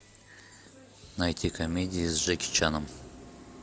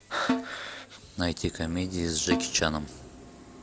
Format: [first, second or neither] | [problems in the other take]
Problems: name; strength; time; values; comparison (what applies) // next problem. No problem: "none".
first | background sound (Snare drum + Breathing); 2 dB below the speech